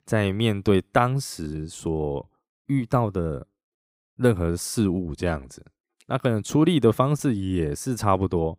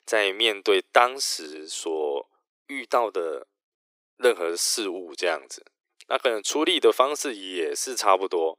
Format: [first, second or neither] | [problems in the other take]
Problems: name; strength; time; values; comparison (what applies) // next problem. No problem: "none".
first | thin; very; fading below 350 Hz